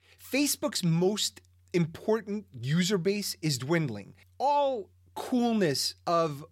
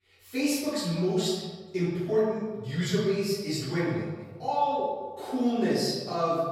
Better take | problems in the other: first | off-mic speech; far // room echo; strong; dies away in 1.3 s

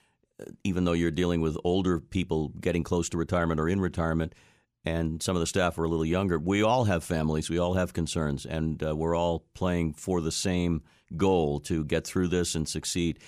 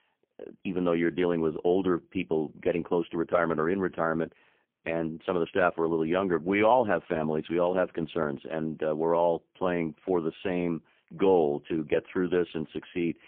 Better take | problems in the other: first | phone-call audio; poor line; nothing above 3 kHz

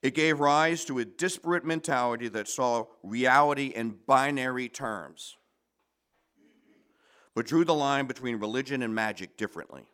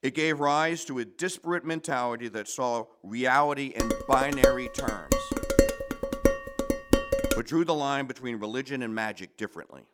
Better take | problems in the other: first | clattering dishes; loud; from 4 to 7.5 s; peak 5 dB above the speech

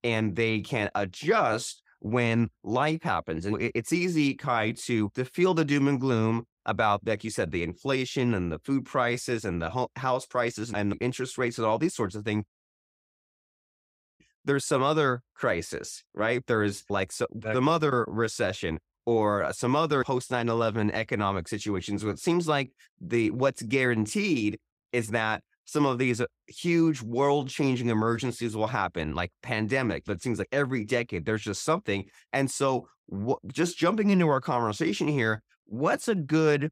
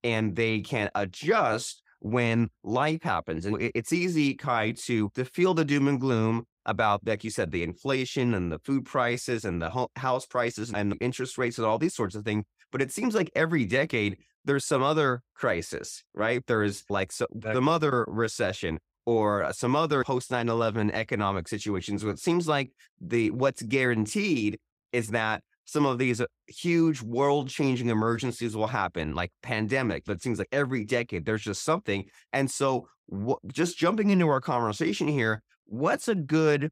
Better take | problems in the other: second | audio cutting out; at 12 s for 1.5 s

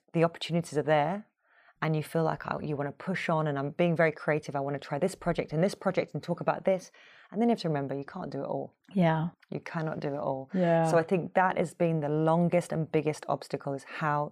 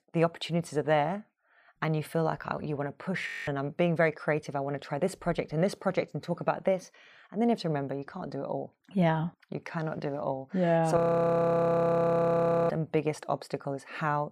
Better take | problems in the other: first | audio freezing; at 3.5 s and at 11 s for 1.5 s

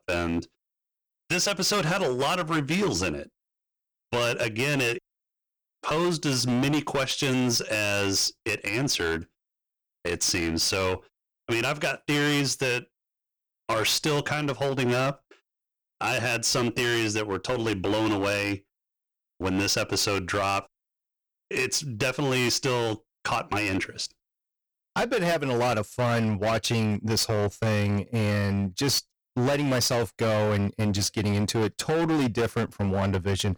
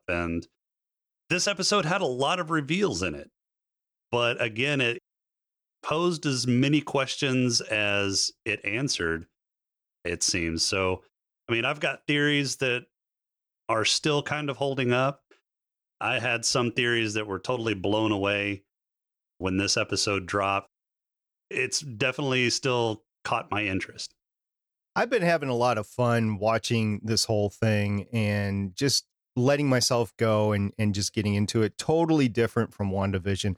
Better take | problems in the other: second | distortion; heavy; 18% of the sound clipped

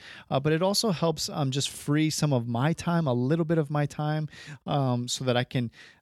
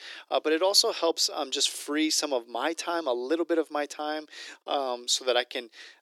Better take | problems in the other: first | thin; very; fading below 300 Hz

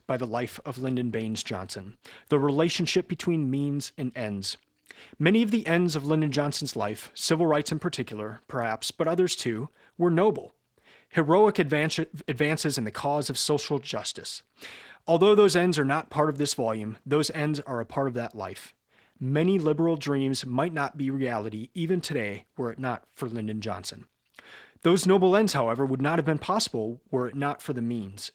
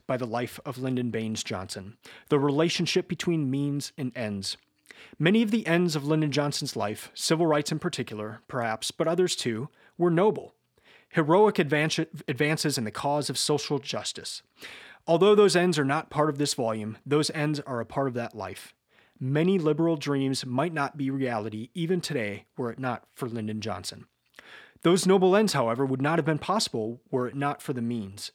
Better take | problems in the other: second | garbled, watery; slightly

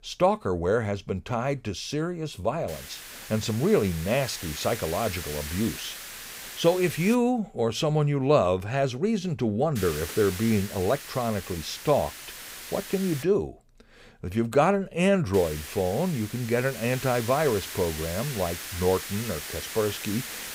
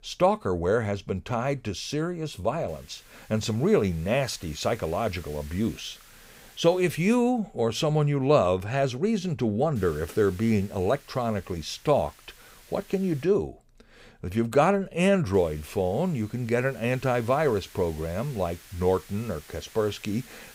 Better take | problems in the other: second | hiss; loud; from 2.5 to 7 s, from 10 to 13 s and from 15 s on; 10 dB below the speech; faint in the second

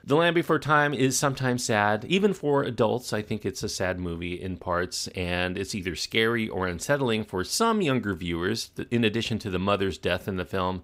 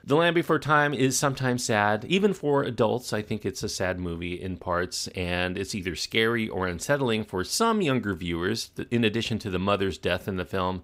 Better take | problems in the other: neither | none

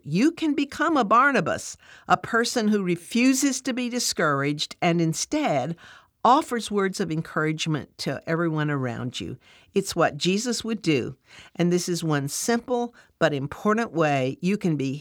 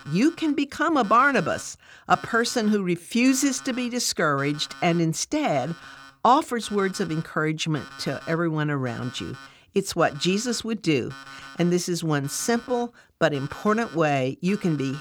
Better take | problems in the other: first | alarms or sirens; noticeable; throughout; 20 dB below the speech

